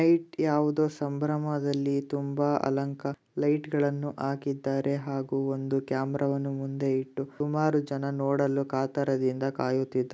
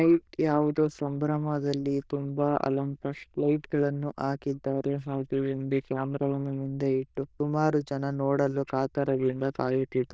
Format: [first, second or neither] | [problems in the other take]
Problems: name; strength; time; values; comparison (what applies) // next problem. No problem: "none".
first | noise reduction (neural diffusion model UNIVERSE++)